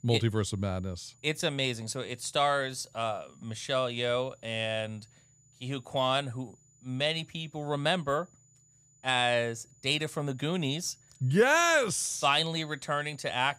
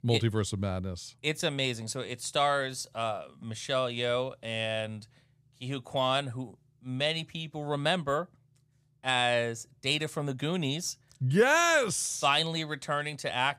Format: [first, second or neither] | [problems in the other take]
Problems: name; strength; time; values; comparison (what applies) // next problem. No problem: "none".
second | high-pitched whine; faint; throughout; 7 kHz, 30 dB below the speech